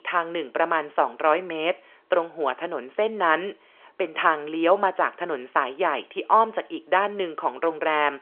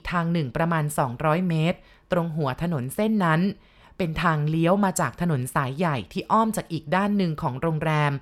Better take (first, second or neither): second